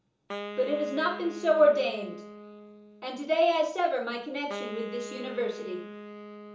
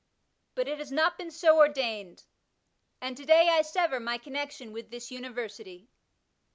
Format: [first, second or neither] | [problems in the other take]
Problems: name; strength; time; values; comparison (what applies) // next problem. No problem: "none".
second | background sound (Wind instrument, woodwind instrument); 13 dB below the speech // room echo; dies away in 1.2 s